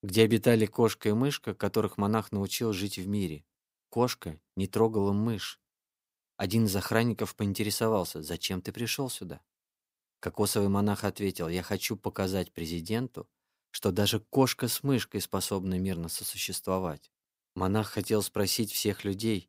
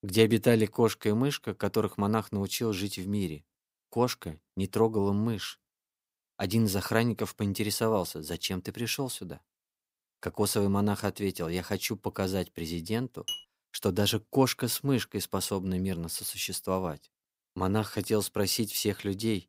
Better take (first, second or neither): first